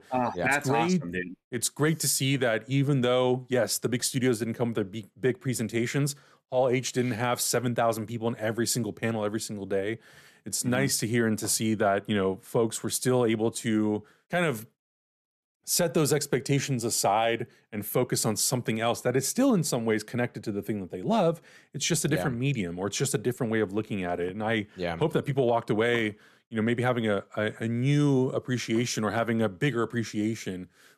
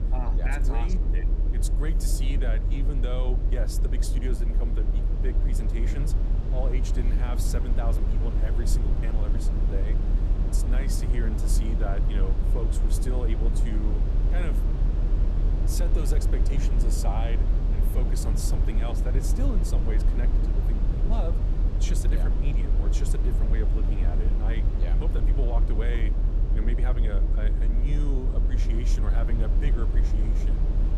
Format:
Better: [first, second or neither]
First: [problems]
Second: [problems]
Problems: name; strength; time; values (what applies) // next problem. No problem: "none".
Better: first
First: none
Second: low rumble; loud; throughout; 2 dB below the speech